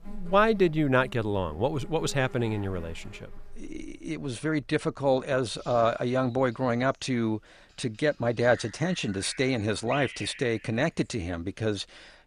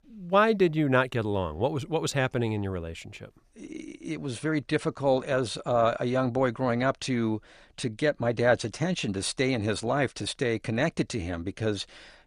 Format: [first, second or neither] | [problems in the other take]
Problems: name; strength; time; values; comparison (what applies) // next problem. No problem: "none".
second | animal sounds; noticeable; throughout; 20 dB below the speech